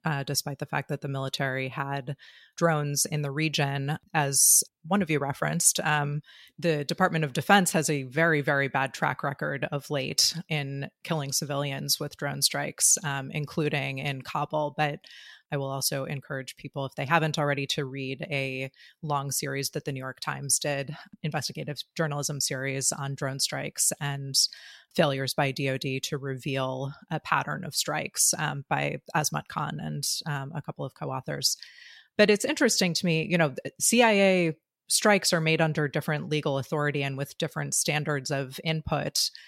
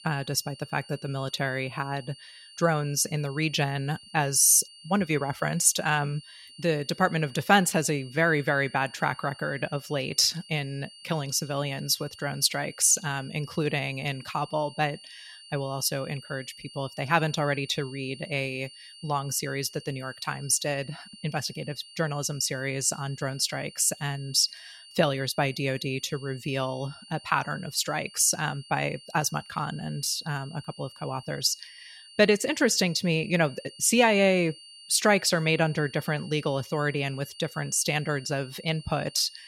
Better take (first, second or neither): first